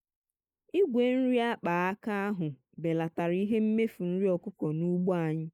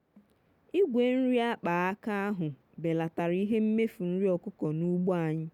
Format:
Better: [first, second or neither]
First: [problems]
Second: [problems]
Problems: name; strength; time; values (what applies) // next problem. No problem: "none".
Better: second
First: noise reduction (neural mask model Resemble Enhance denoiser)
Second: none